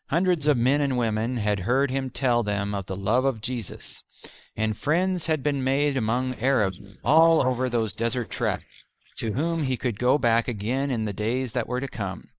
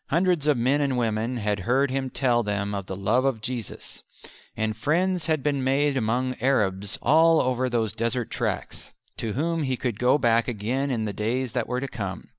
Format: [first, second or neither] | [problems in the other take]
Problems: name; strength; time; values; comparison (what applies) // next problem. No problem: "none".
second | noise reduction (neural mask model Resemble Enhance denoiser)